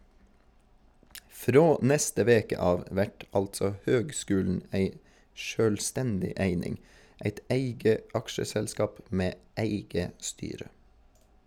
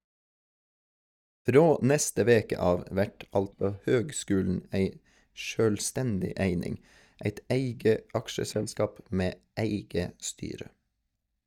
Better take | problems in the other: first | noise reduction (neural mask model DeepFilterNet 3)

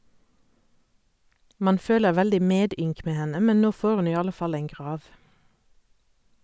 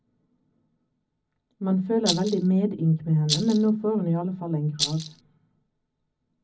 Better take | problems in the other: first | background sound (Rattle); 4 dB below the speech // room echo; dies away in 0.4 s

